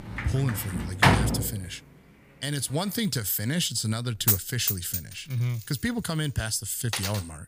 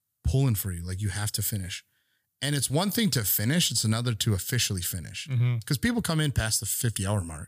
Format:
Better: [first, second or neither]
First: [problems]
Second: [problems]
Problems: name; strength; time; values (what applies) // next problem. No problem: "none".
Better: second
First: household noises; very loud; throughout; 2 dB above the speech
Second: none